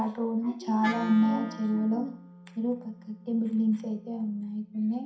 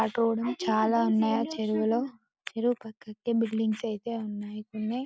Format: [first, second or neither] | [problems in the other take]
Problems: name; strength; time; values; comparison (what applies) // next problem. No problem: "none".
second | background sound (Wind instrument, woodwind instrument); 15 dB below the speech // room echo; dies away in 0.5 s